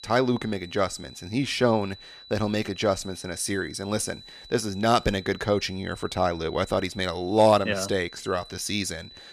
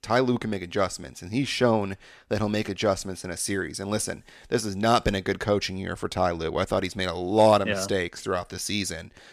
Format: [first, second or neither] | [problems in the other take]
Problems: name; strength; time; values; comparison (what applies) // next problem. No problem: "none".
second | high-pitched whine; noticeable; throughout; 4 kHz, 20 dB below the speech